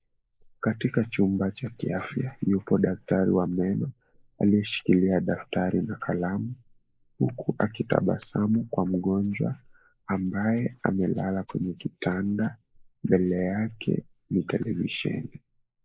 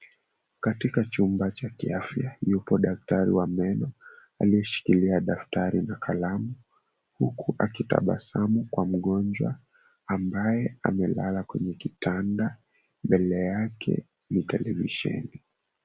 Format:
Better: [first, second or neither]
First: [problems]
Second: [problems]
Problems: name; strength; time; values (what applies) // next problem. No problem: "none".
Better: second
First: noise reduction (neural mask model Resemble Enhance denoiser)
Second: none